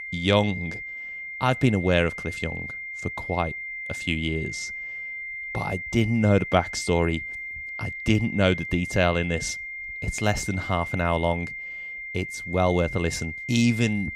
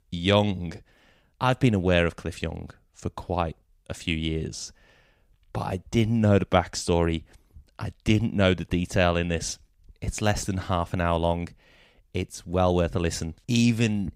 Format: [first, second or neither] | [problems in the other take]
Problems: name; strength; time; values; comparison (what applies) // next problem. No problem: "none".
second | high-pitched whine; loud; throughout; 2 kHz, 7 dB below the speech